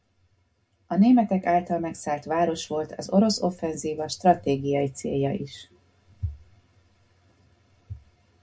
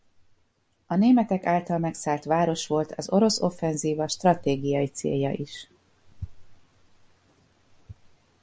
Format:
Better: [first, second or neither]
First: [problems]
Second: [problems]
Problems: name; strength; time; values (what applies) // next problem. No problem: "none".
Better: second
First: room echo; dies away in 0.2 s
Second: none